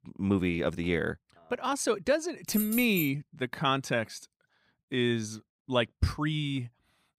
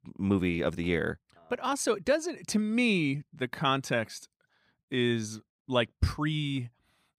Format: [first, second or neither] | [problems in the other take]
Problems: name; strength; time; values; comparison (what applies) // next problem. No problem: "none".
second | jangling keys; noticeable; at 2.5 s; peak 3 dB below the speech